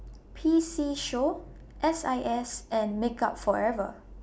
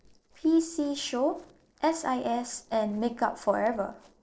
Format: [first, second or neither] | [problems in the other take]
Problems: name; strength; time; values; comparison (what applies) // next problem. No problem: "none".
first | noise reduction (neural separator model SepFormer DNS4)